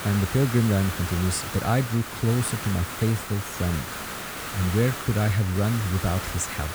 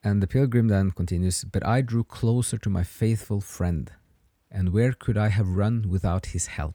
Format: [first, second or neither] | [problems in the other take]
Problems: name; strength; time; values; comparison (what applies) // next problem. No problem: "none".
second | hiss; loud; throughout; 7 dB below the speech